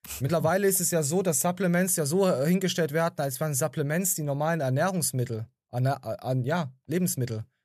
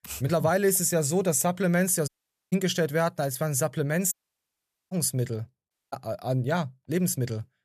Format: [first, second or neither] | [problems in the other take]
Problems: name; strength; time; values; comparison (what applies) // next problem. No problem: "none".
first | audio cutting out; at 2 s, at 4 s for 1 s and at 5.5 s